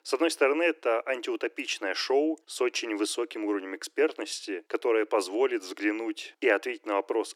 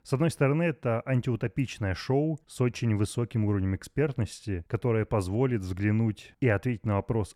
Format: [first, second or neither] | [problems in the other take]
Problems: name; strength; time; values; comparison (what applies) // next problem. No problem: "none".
second | thin; very; fading below 300 Hz